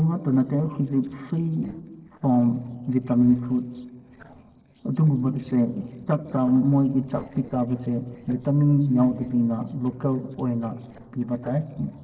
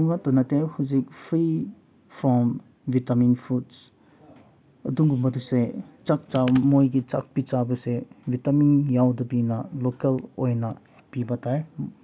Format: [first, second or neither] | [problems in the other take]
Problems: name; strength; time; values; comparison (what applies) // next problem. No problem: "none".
second | noise reduction (neural separator model SepFormer DNS4)